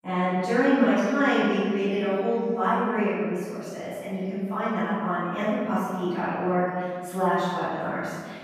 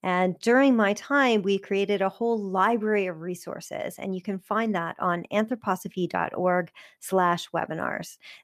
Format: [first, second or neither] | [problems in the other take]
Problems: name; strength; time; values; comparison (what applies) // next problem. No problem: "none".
second | off-mic speech; far // room echo; strong; dies away in 1.7 s